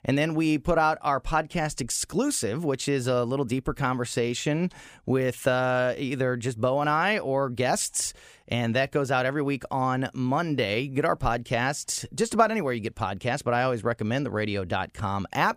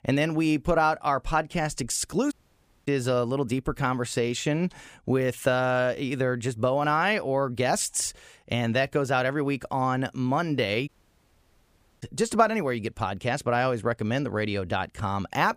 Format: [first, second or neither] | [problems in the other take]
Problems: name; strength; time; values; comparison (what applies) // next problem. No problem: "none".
first | audio cutting out; at 2.5 s for 0.5 s and at 11 s for 1 s